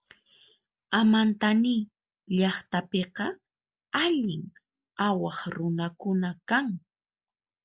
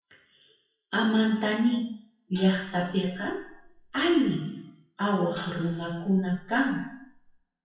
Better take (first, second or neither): first